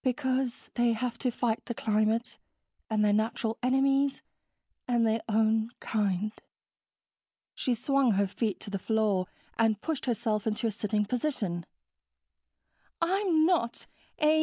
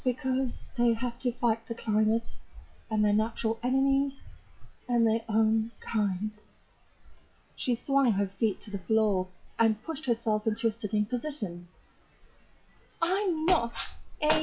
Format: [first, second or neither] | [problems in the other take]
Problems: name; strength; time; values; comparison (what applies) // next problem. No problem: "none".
first | noise reduction (classical method WPE with log-MMSE)